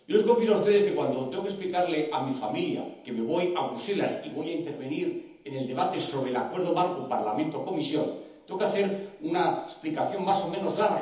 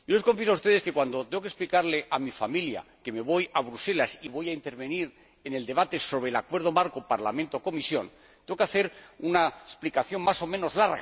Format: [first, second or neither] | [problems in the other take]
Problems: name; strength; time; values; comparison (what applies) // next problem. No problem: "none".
second | room echo; dies away in 1.3 s